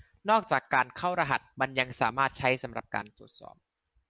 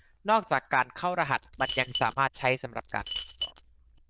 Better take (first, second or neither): first